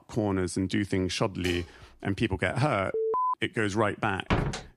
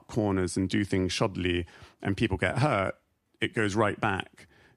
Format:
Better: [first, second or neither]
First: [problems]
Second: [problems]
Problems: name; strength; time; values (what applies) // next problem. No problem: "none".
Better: second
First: clattering dishes; faint; at 1.5 s; peak 15 dB below the speech // alarm; loud; at 3 s; peak 1 dB above the speech // door banging; noticeable; at 4.5 s; peak level with the speech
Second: none